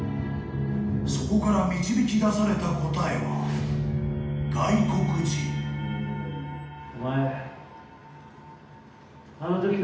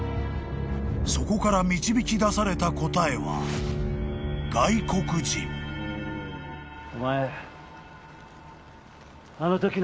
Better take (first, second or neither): second